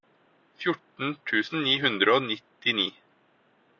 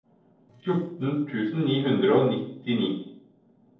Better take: first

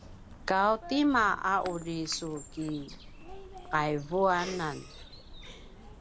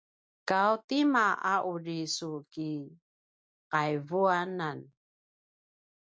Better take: second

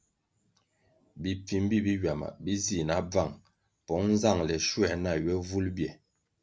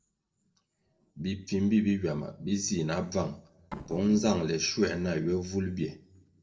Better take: first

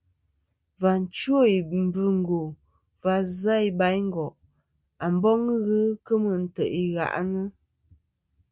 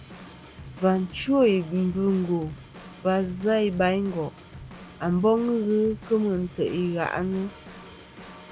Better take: first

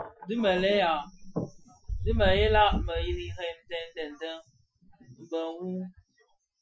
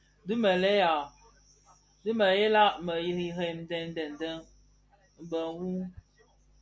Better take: second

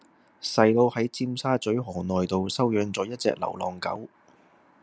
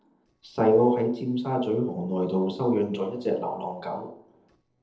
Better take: first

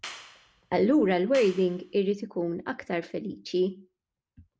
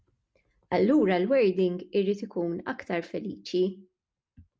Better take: second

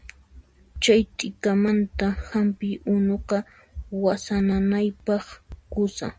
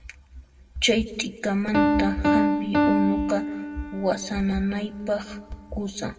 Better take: first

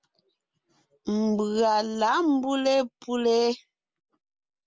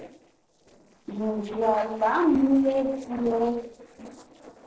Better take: first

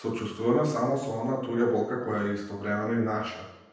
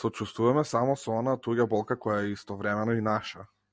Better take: second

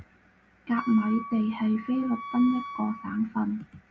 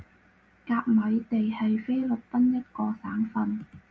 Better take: second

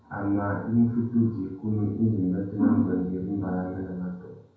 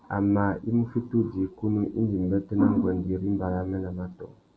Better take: second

